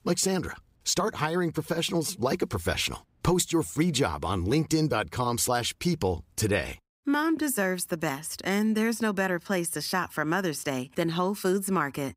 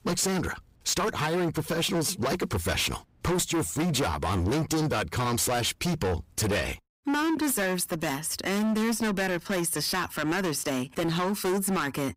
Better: first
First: none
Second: distortion; heavy; 25% of the sound clipped

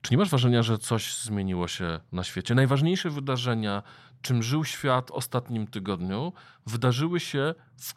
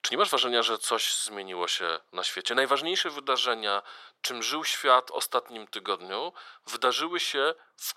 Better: first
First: none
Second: thin; very; fading below 400 Hz

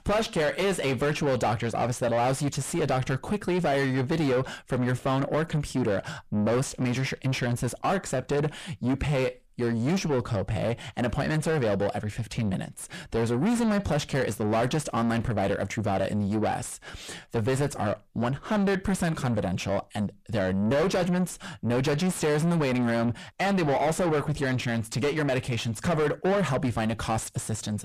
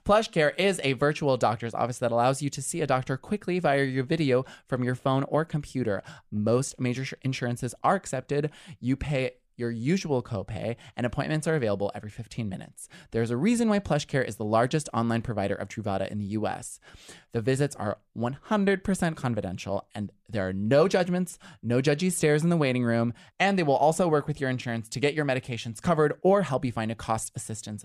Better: second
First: distortion; heavy; 5 dB below the speech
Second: none

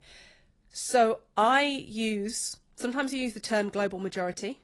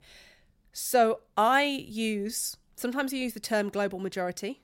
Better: second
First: garbled, watery; slightly; nothing above 10.5 kHz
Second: none

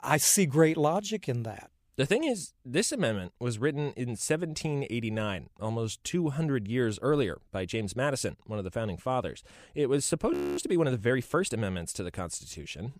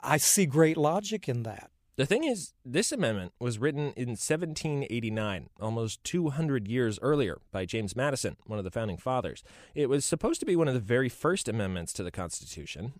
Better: second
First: audio freezing; at 10 s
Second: none

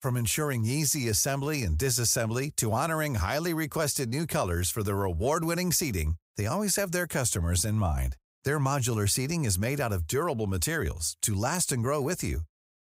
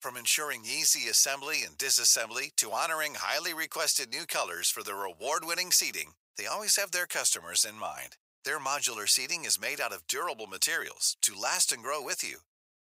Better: first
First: none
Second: thin; very; fading below 700 Hz

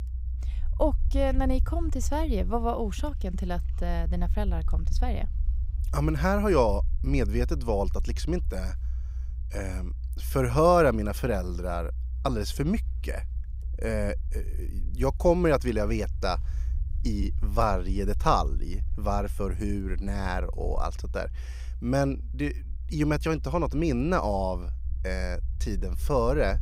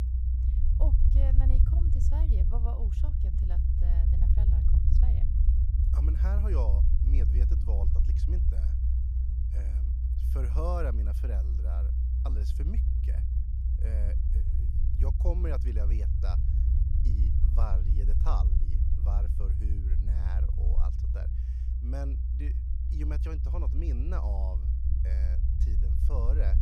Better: first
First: low rumble; faint; throughout; 25 dB below the speech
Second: low rumble; loud; throughout; 2 dB below the speech

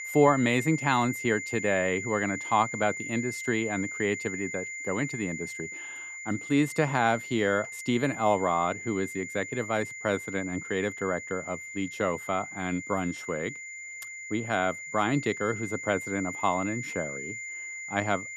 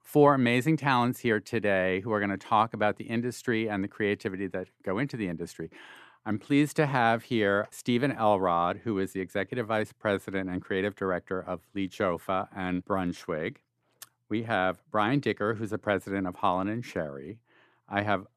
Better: second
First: high-pitched whine; loud; throughout; 2 kHz, 7 dB below the speech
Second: none

